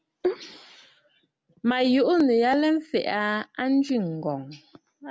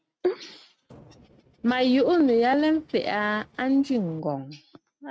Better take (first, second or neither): first